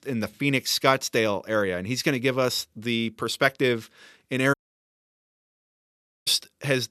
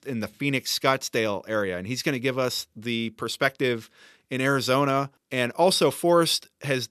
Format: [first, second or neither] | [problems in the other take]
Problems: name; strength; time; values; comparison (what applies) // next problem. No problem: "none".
second | audio cutting out; at 4.5 s for 1.5 s